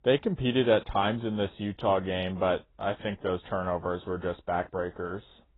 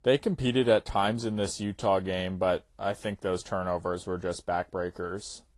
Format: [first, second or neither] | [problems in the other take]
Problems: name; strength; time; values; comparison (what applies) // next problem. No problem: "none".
second | garbled, watery; badly; nothing above 3.5 kHz; slightly in the second